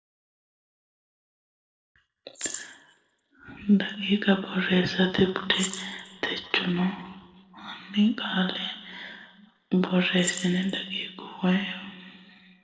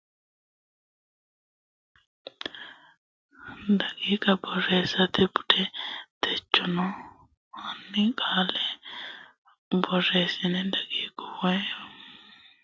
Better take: second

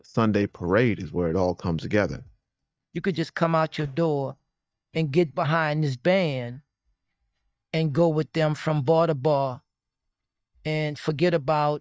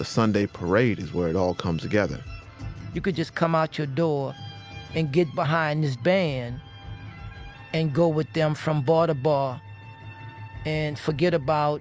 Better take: second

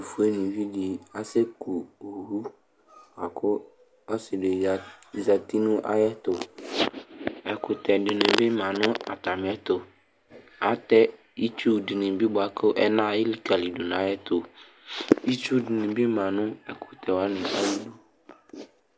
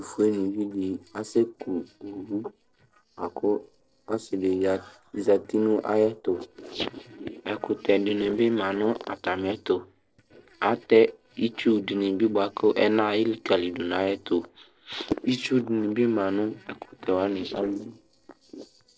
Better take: first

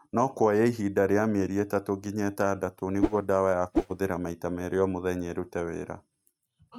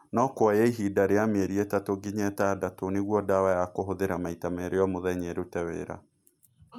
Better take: second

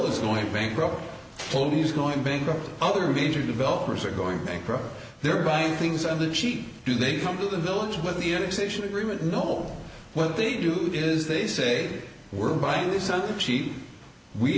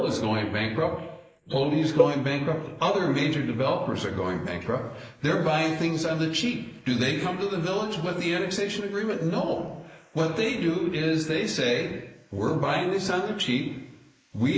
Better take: first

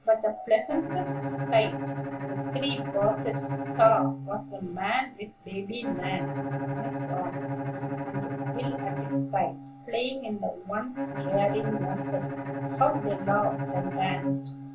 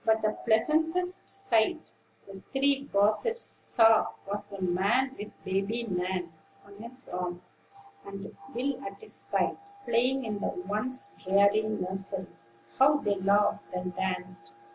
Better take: second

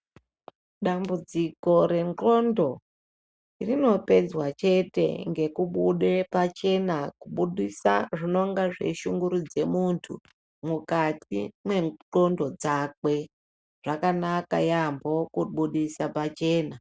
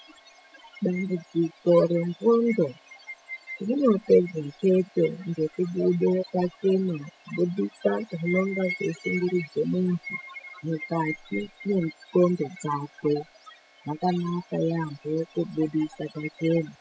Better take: first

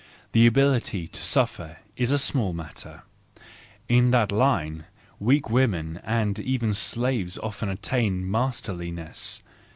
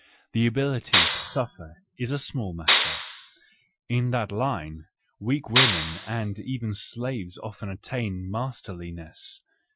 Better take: first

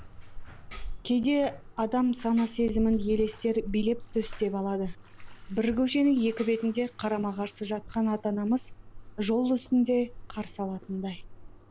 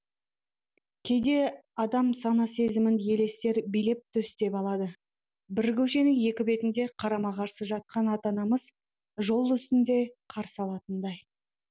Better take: second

